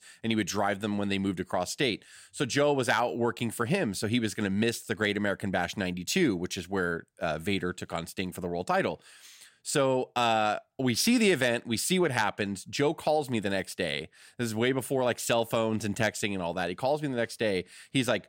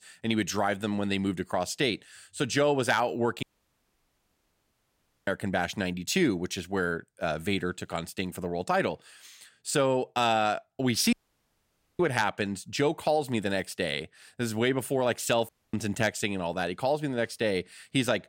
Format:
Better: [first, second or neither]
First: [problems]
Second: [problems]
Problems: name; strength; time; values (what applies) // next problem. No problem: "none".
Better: first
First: none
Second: audio cutting out; at 3.5 s for 2 s, at 11 s for 1 s and at 15 s